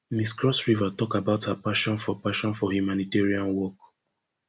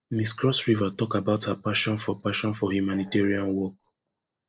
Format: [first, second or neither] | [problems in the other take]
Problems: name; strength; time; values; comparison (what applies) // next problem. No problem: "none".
first | noise reduction (neural separator model SepFormer DNS4)